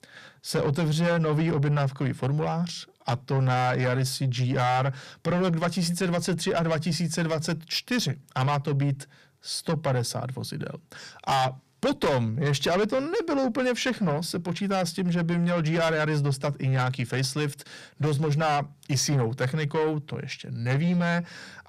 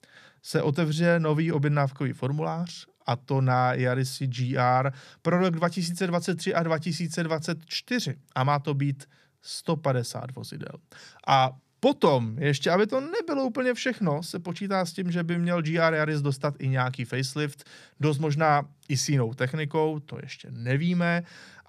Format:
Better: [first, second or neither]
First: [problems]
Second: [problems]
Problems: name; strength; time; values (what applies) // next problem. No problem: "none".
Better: second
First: distortion; heavy; 8 dB below the speech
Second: none